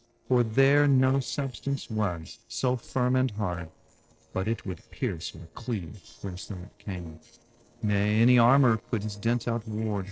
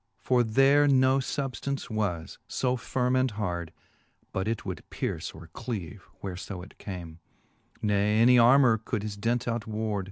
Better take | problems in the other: second | noise reduction (neural separator model SepFormer DNS4)

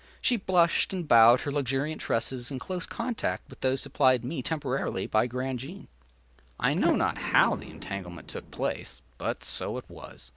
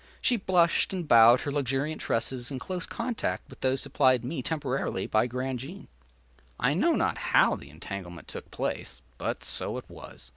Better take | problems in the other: second | background sound (Sliding door); 11 dB below the speech

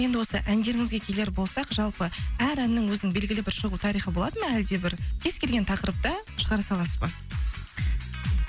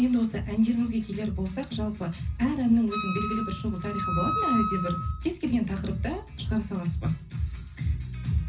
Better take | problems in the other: first | background sound (Wind instrument, woodwind instrument); 5 dB below the speech // room echo; dies away in 0.4 s

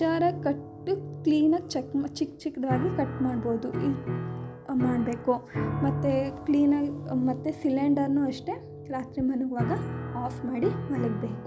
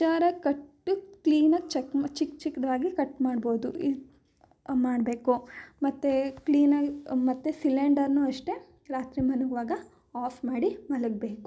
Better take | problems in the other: second | background sound (Piano); 6 dB below the speech

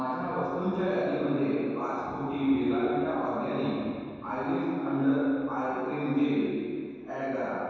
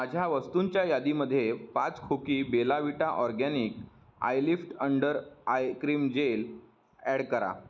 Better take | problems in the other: second | room echo; dies away in 2.1 s

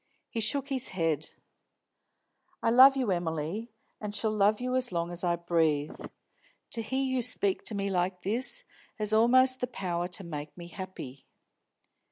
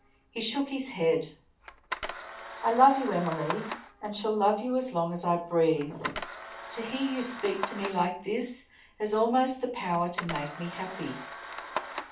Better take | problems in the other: first | background sound (Camera); 11 dB below the speech // room echo; dies away in 0.3 s

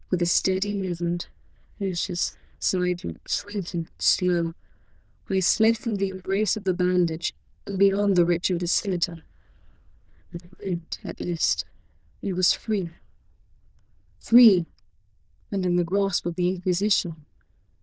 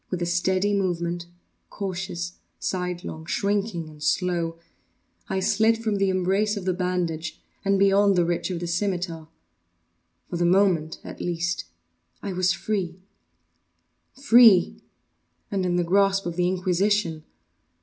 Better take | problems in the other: second | noise reduction (neural diffusion model UNIVERSE++)

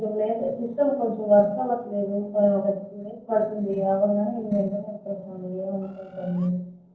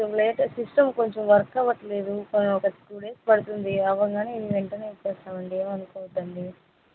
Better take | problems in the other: second | noise reduction (neural separator model SepFormer DNS4)

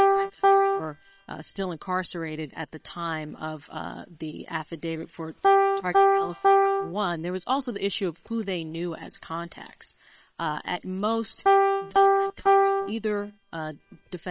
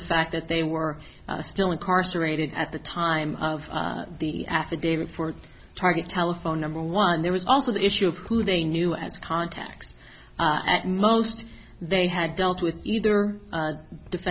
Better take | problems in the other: second | noise reduction (neural separator model SepFormer WHAM!)

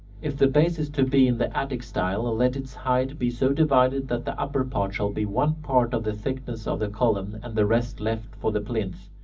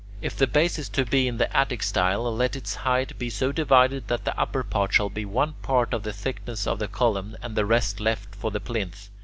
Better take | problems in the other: second | room echo; dies away in 0.4 s

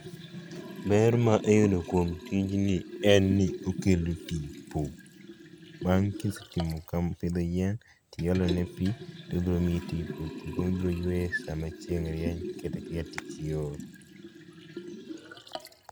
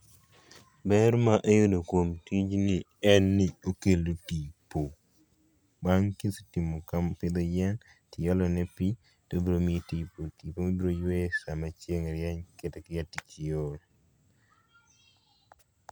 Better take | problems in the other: second | background sound (Liquid); 12 dB below the speech

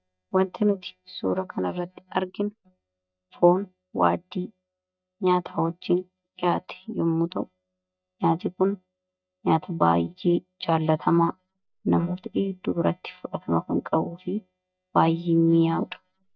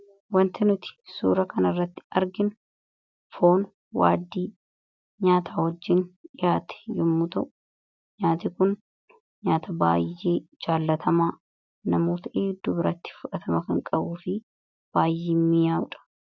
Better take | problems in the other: second | noise reduction (neural mask model DeepFilterNet 3)

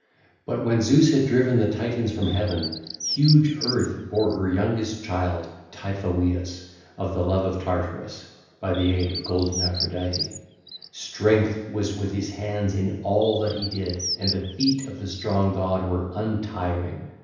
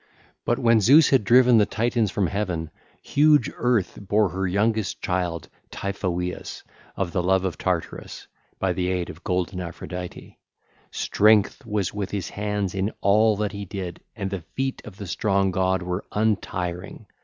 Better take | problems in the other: second | background sound (Bird); 10 dB below the speech // room echo; dies away in 0.9 s

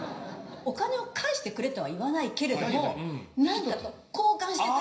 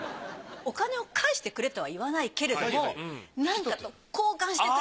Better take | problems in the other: second | room echo; dies away in 0.5 s

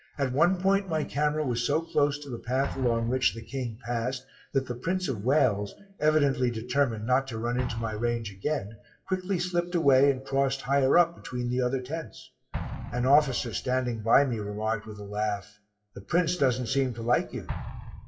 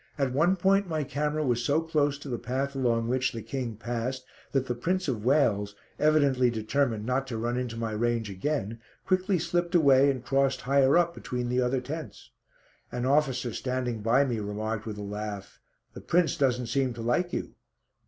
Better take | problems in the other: second | noise reduction (classical method WPE with log-MMSE)

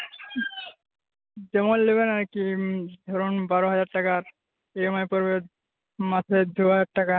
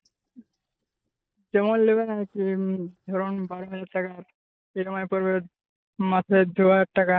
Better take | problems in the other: first | noise reduction (neural mask model DeepFilterNet 3)

